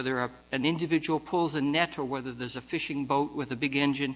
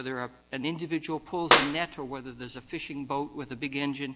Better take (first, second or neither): first